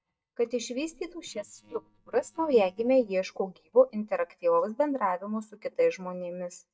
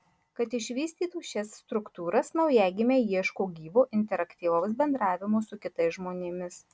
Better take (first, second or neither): second